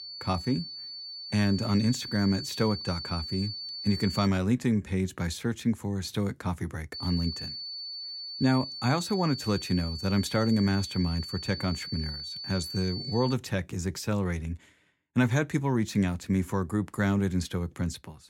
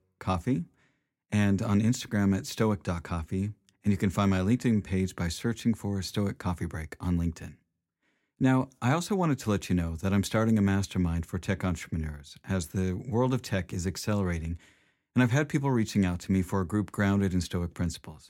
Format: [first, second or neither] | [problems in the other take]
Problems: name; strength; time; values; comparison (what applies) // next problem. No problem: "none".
second | high-pitched whine; loud; until 4.5 s and from 7 to 13 s; 4.5 kHz, 7 dB below the speech